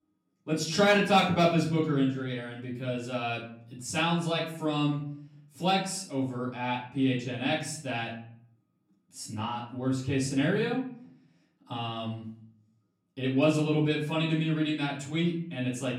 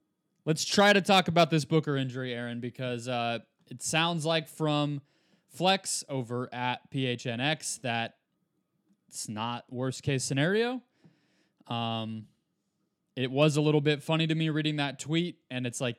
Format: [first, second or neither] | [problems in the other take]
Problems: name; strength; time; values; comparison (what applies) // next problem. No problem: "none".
second | room echo; slight; dies away in 0.6 s // off-mic speech; far